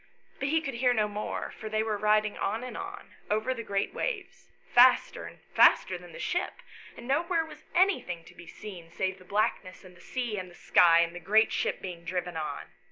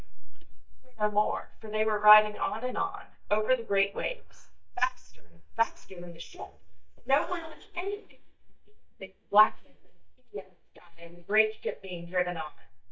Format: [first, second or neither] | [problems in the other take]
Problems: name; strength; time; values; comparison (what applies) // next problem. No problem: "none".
first | noise reduction (neural mask model DeepFilterNet 3)